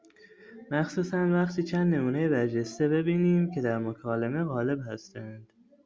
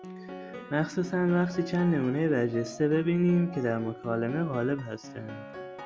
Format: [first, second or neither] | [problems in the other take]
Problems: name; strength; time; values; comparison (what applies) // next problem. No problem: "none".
first | background sound (Piano); 15 dB below the speech